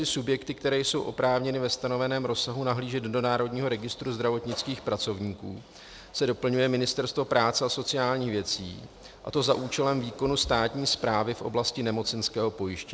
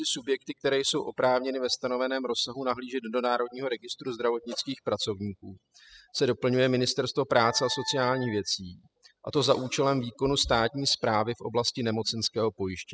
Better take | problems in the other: first | noise reduction (classical method spectral subtraction)

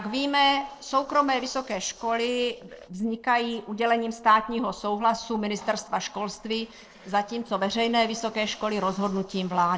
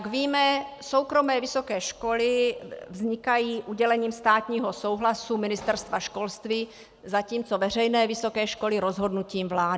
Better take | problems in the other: second | noise reduction (neural separator model SepFormer DNS4)

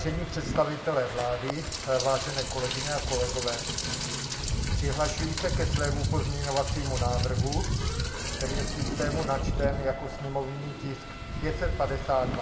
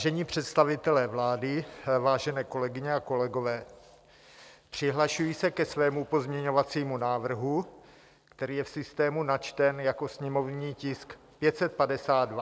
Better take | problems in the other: second | background sound (Rain); 1 dB above the speech // room echo; dies away in 1.1 s

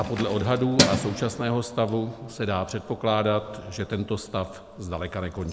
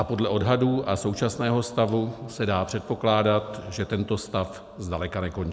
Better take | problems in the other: second | background sound (Keys jangling); 5 dB below the speech

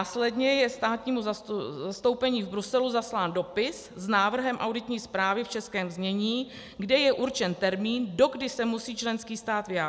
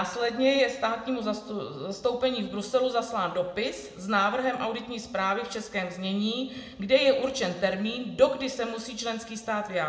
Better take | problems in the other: first | room echo; dies away in 0.8 s

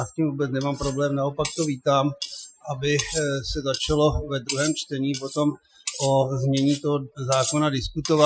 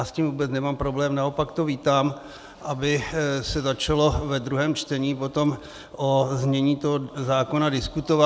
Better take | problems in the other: second | noise reduction (classical method Wiener filter)

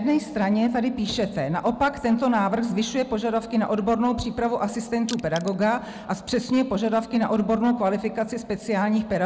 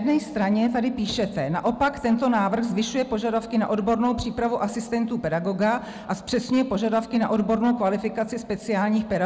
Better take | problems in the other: second | background sound (Crushing); 17 dB below the speech

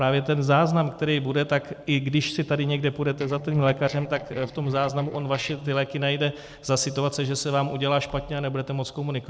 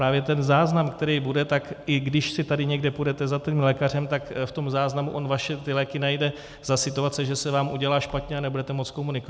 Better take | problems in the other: second | noise reduction (neural separator model SepFormer DNS4)

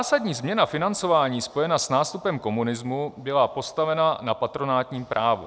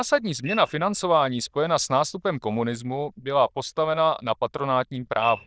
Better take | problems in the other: first | noise reduction (neural diffusion model UNIVERSE++)

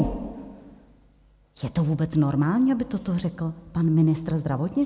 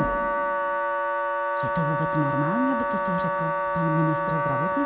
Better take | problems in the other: first | background sound (Wind instrument, woodwind instrument); 4 dB above the speech

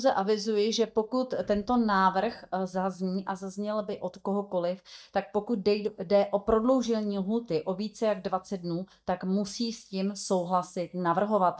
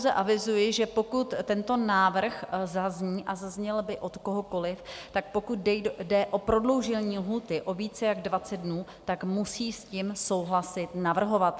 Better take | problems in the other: second | noise reduction (neural mask model DeepFilterNet 3)

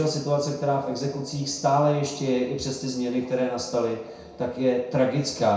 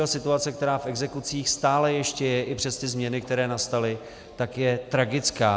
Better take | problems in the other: second | room echo; dies away in 0.6 s

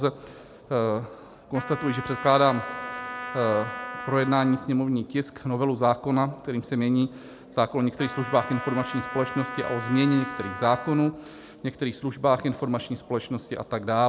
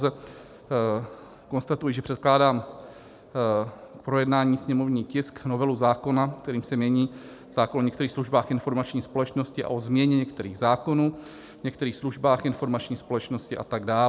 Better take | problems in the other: second | background sound (Trumpet); 10 dB below the speech

